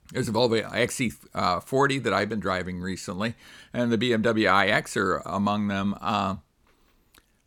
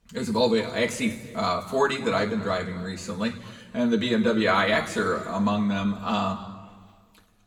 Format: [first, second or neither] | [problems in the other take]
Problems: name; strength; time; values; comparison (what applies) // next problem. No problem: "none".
first | room echo; slight; dies away in 1.4 s // off-mic speech; far